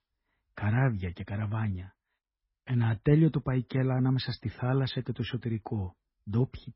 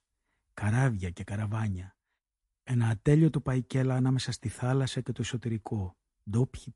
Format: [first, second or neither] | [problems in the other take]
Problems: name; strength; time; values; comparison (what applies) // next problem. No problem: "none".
second | garbled, watery; badly; nothing above 5.5 kHz; slightly in the second